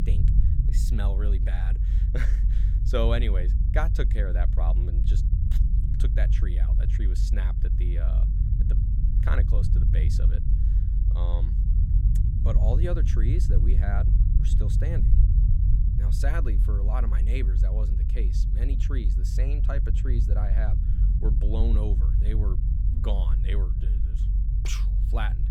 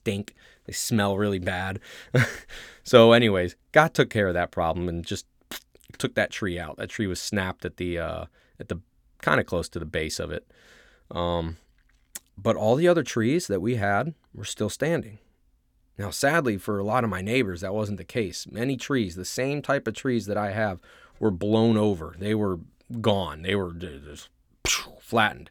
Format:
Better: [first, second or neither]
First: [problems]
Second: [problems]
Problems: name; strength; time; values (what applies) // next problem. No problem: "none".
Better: second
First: low rumble; loud; throughout; 5 dB below the speech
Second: none